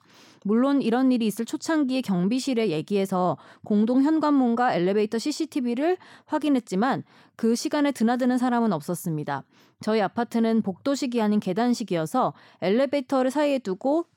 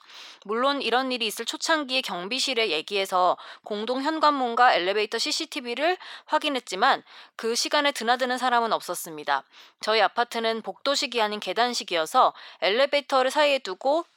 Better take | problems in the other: first | thin; very; fading below 650 Hz

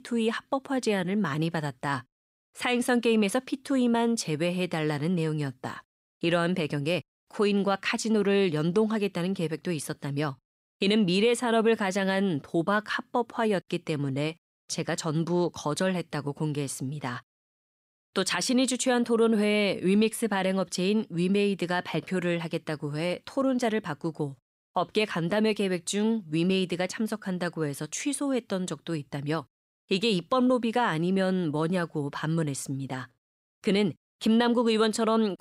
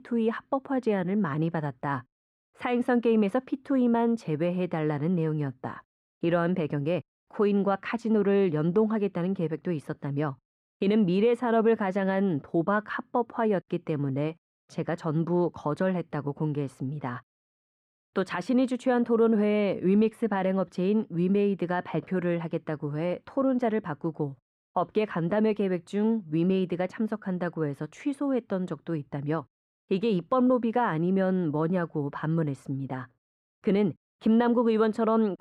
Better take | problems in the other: first | muffled; very; fading above 3 kHz

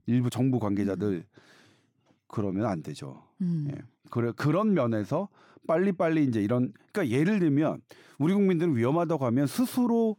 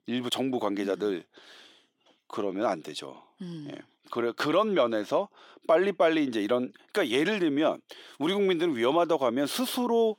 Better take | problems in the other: first | thin; somewhat; fading below 450 Hz

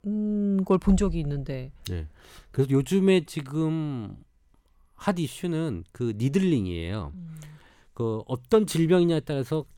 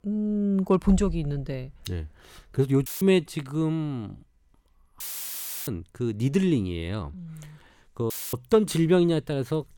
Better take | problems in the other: first | audio cutting out; filled with static; at 3 s, at 5 s for 0.5 s and at 8 s

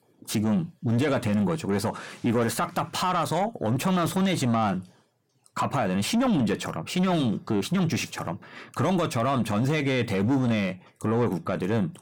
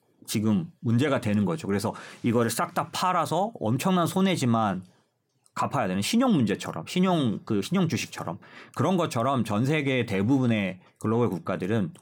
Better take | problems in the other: second | distortion; slight; 10 dB below the speech

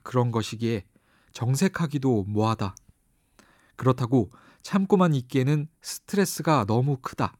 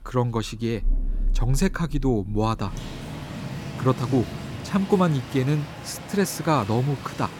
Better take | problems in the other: first | rain or running water; loud; throughout; 9 dB below the speech

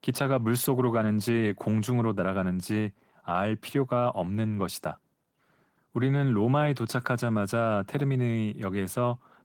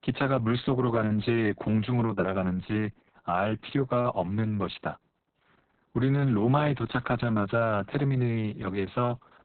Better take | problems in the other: first | garbled, watery; badly; nothing above 4 kHz; slightly in the first

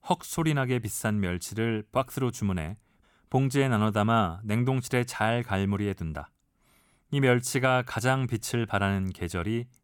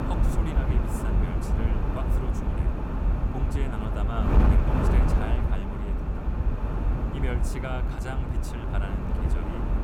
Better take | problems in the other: first | wind noise on the microphone; heavy; 4 dB above the speech

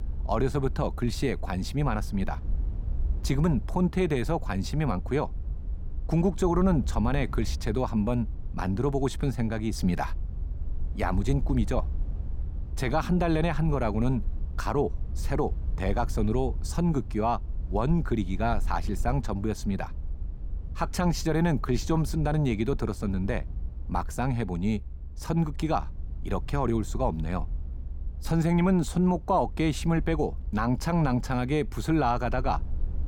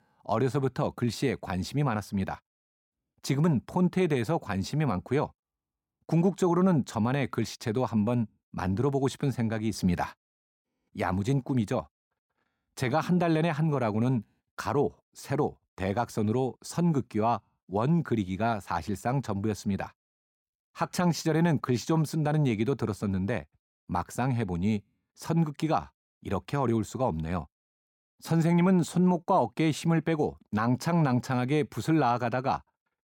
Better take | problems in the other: second | low rumble; faint; throughout; 25 dB below the speech

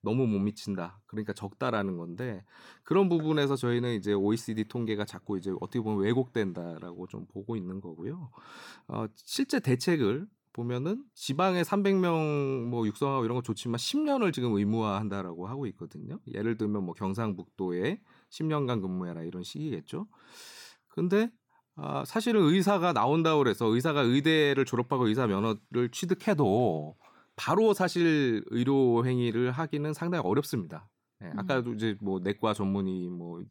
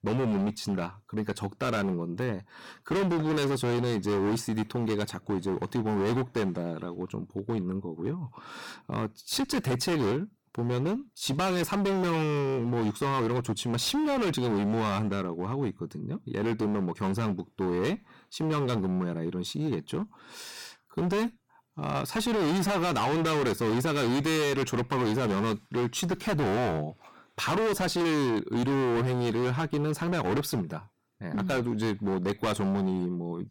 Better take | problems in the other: first | distortion; heavy; 26% of the sound clipped

